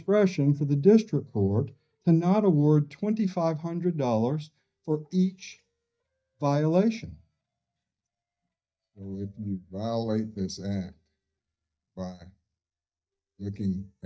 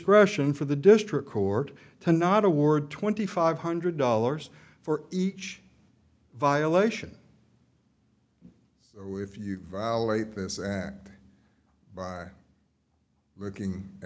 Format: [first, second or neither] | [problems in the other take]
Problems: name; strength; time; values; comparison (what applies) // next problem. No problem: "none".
second | noise reduction (neural mask model DeepFilterNet 3)